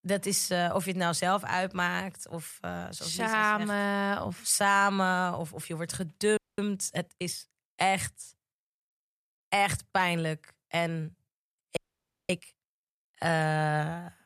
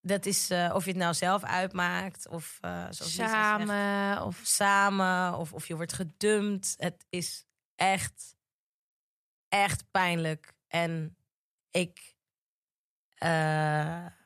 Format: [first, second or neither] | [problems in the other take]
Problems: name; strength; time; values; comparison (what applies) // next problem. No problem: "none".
second | audio freezing; at 6.5 s and at 12 s for 0.5 s